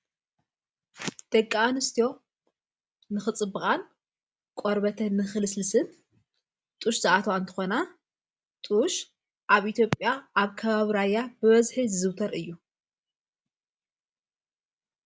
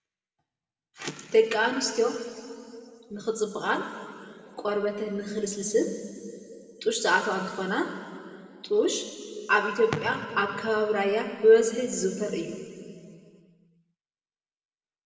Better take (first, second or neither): first